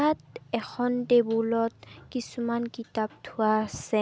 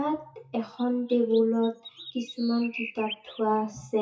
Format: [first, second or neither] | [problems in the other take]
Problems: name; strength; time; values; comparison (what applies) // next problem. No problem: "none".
first | noise reduction (classical method WPE with log-MMSE)